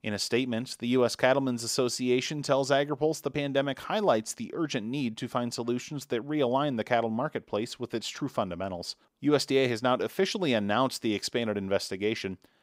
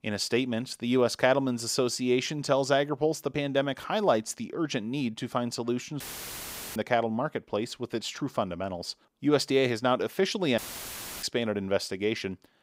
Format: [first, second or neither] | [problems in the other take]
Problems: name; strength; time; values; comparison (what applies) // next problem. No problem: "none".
first | audio cutting out; filled with static; at 6 s for 1 s and at 11 s for 0.5 s